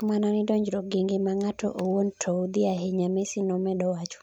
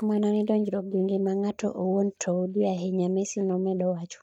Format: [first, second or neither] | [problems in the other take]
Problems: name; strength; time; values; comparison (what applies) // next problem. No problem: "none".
first | noise reduction (neural mask model DeepFilterNet 3)